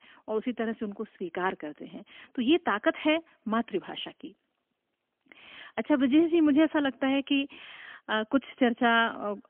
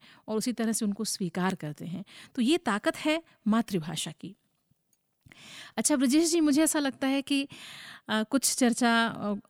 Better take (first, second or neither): second